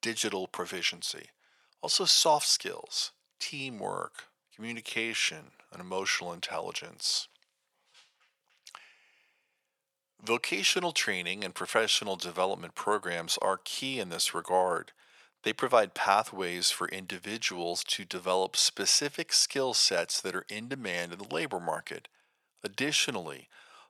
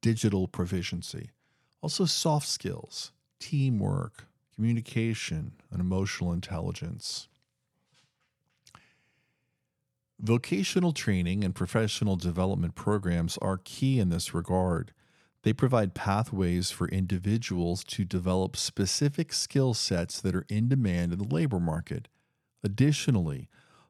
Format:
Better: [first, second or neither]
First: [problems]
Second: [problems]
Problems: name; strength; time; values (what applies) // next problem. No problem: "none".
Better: second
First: thin; very; fading below 650 Hz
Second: none